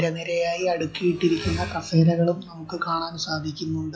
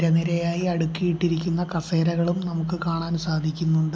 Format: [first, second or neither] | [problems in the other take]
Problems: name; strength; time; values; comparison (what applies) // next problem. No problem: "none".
second | noise reduction (classical method log-MMSE)